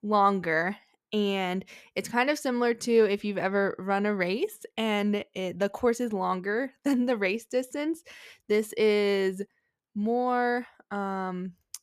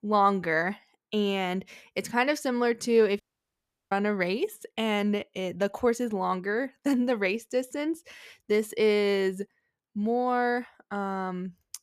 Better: first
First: none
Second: audio cutting out; at 3 s for 0.5 s

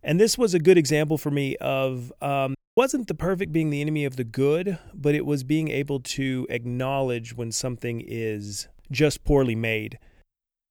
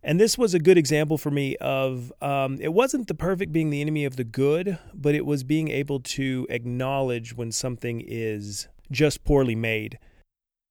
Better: second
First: audio cutting out; at 2.5 s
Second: none

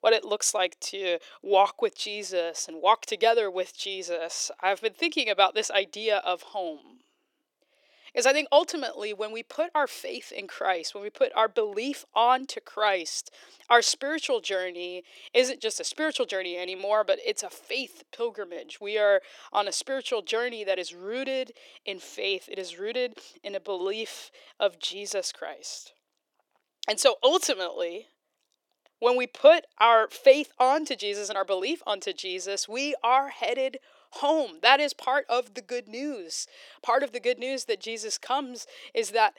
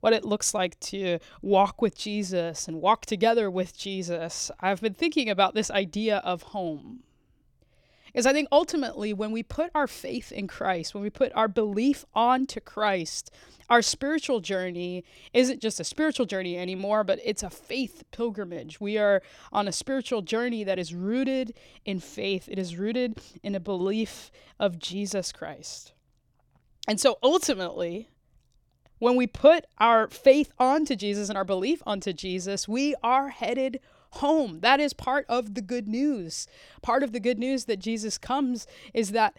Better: second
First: thin; somewhat; fading below 350 Hz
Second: none

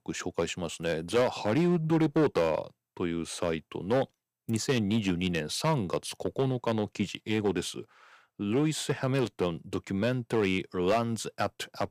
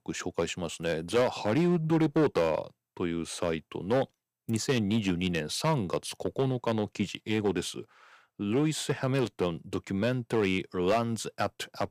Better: neither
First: distortion; slight; 4% of the sound clipped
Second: distortion; slight; 4% of the sound clipped

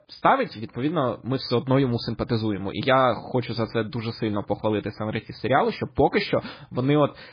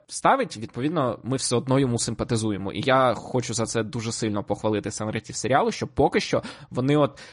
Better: second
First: garbled, watery; badly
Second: garbled, watery; slightly; nothing above 10.5 kHz

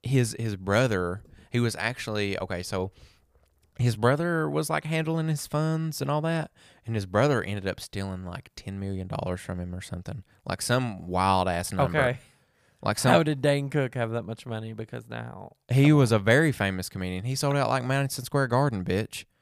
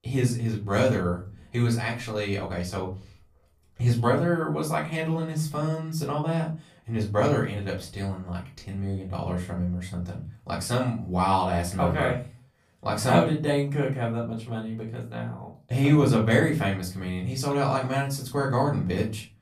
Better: first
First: none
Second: off-mic speech; far // room echo; slight; dies away in 0.3 s

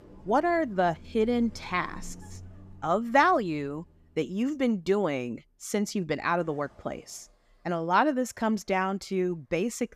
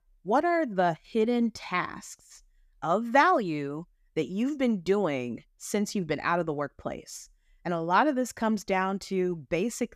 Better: second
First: traffic noise; faint; throughout; 25 dB below the speech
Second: none

